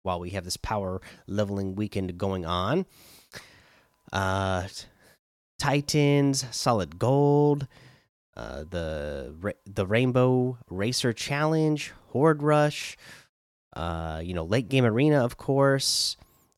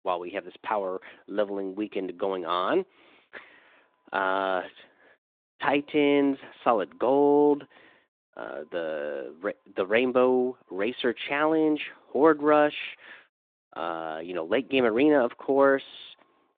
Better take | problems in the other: first | phone-call audio; nothing above 3.5 kHz

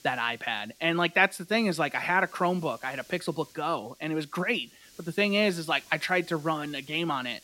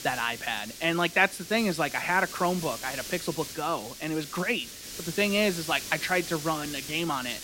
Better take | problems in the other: first | hiss; loud; throughout; 10 dB below the speech; faint in the first

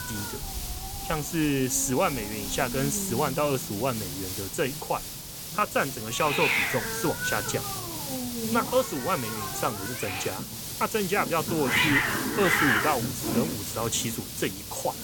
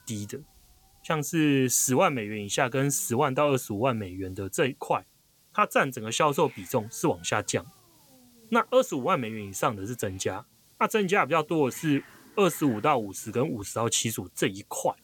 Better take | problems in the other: second | hiss; loud; throughout; 1 dB below the speech; faint in the second

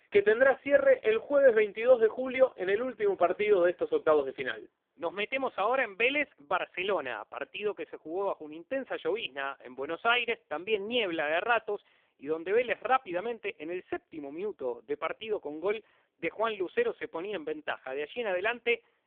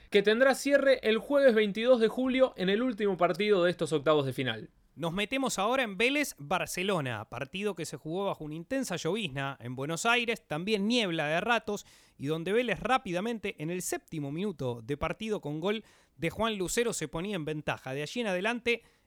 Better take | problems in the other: second | phone-call audio; poor line

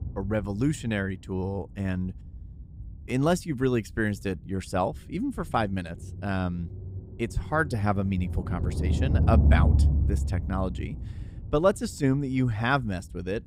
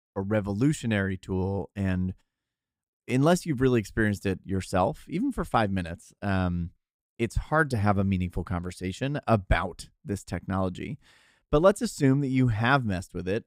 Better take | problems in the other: second | low rumble; noticeable; throughout; 10 dB below the speech

